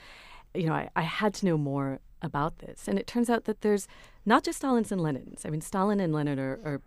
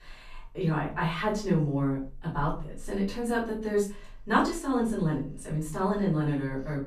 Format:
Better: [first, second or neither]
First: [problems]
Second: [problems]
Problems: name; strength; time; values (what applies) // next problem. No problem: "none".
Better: first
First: none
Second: room echo; slight; dies away in 0.3 s // off-mic speech; far